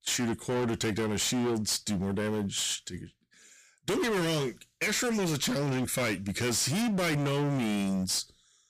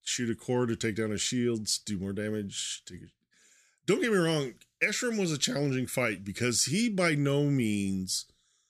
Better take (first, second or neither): second